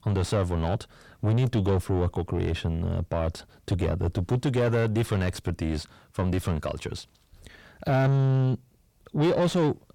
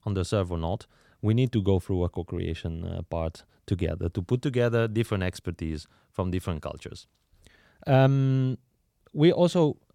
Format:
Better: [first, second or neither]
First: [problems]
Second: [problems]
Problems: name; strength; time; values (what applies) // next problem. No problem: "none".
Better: second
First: distortion; heavy; 6 dB below the speech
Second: none